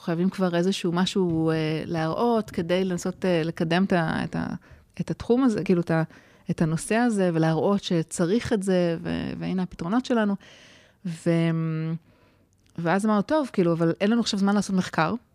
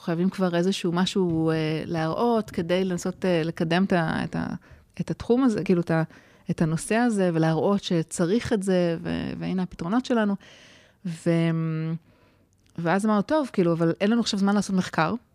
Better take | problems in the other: neither | none

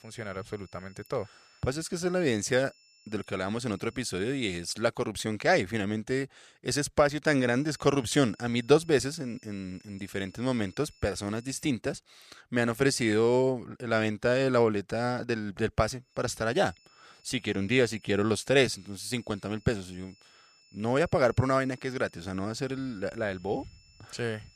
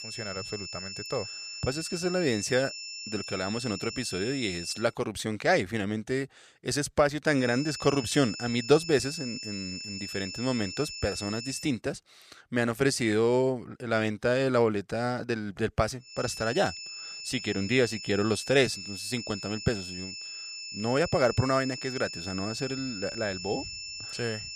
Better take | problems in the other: first | high-pitched whine; loud; until 5 s, from 7.5 to 12 s and from 16 s on; 5.5 kHz, 8 dB below the speech; faint in the first

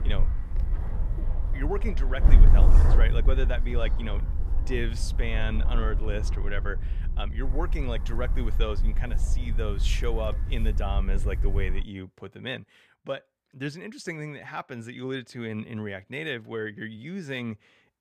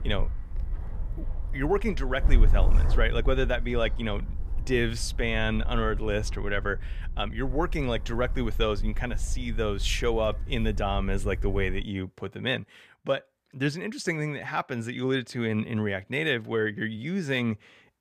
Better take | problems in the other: second | wind noise on the microphone; heavy; until 12 s; 9 dB below the speech; occasional gusts in the second

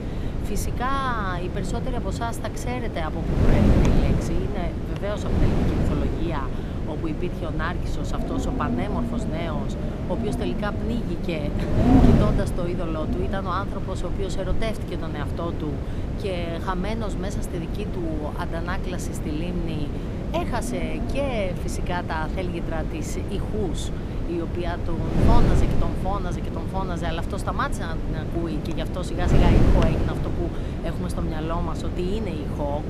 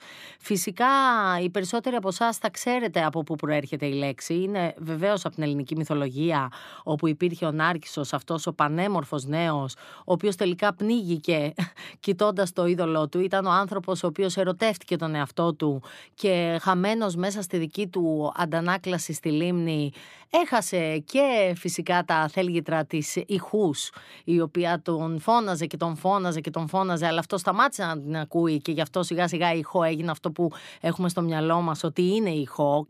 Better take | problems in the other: second | wind noise on the microphone; heavy; 2 dB below the speech

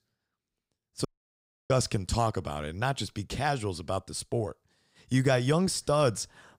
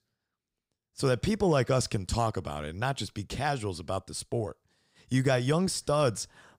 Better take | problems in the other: second | audio cutting out; at 1 s for 0.5 s

